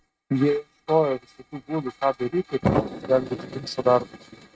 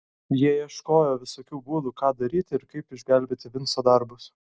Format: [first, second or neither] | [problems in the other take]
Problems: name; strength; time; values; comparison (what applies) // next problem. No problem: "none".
second | noise reduction (neural mask model RNNoise)